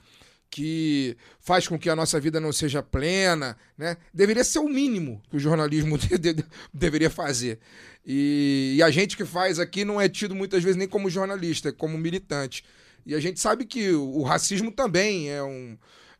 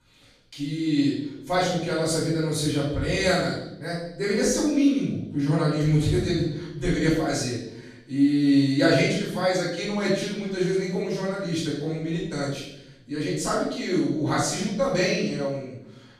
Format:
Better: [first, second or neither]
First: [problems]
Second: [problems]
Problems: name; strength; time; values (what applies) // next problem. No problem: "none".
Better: first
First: none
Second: room echo; noticeable; dies away in 0.8 s // off-mic speech; far